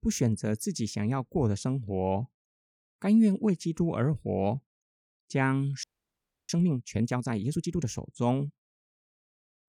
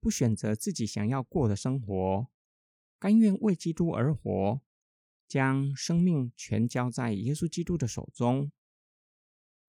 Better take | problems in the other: second | audio freezing; at 6 s for 0.5 s

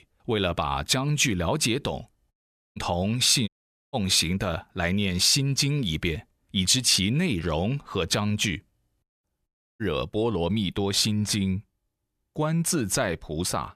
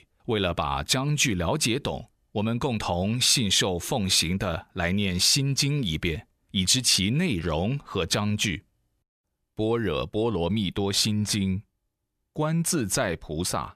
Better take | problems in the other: second | audio cutting out; at 2.5 s, at 3.5 s and at 9.5 s

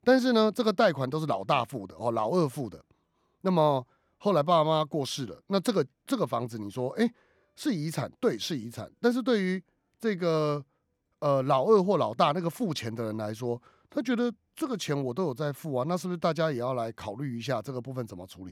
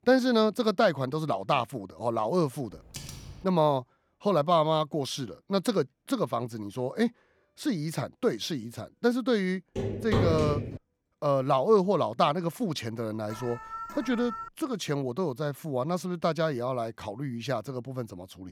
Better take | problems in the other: first | keyboard typing; faint; at 2.5 s; peak 10 dB below the speech // footsteps; loud; from 10 to 11 s; peak 2 dB above the speech // alarm; faint; from 13 to 14 s; peak 10 dB below the speech

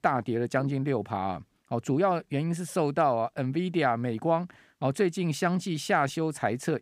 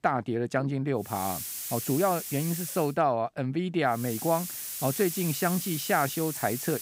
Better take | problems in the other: first | hiss; loud; from 1 to 3 s and from 4 s on; 5 dB below the speech

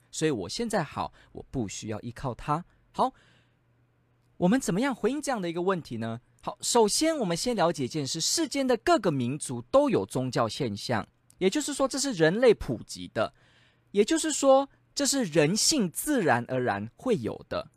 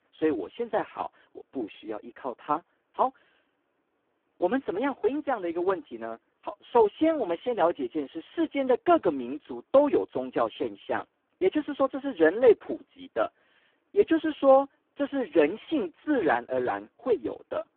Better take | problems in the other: first | phone-call audio; poor line

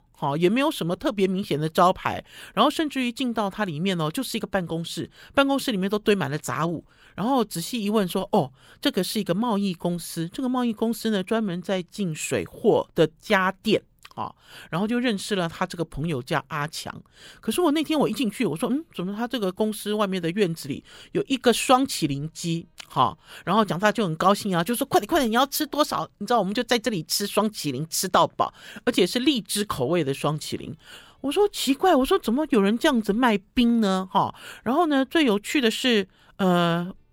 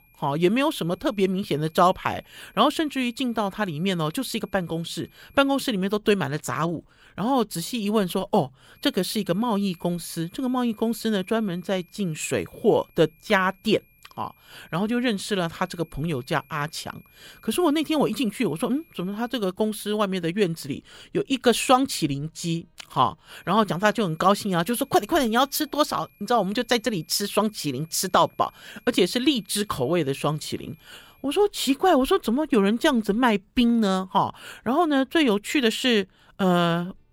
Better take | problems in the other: first | high-pitched whine; faint; until 5.5 s, from 9 to 19 s and from 23 to 31 s; 2.5 kHz, 35 dB below the speech

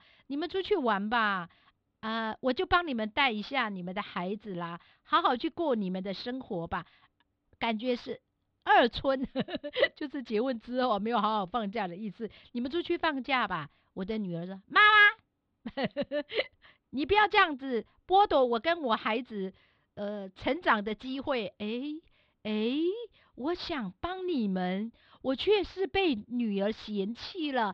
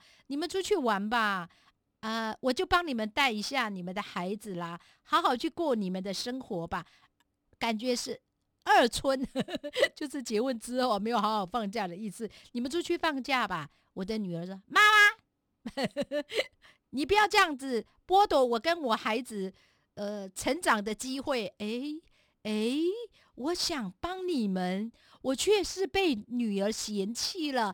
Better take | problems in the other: second | muffled; slightly; fading above 4 kHz

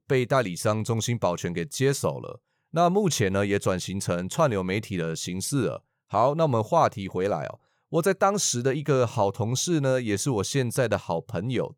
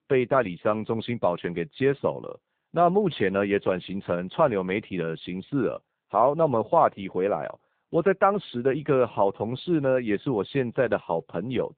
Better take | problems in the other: first | phone-call audio; poor line; nothing above 4 kHz

